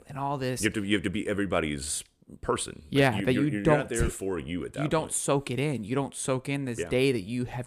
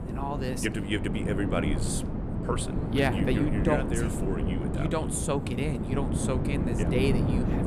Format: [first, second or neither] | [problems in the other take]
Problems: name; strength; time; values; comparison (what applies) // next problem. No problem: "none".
first | wind noise on the microphone; heavy; 4 dB below the speech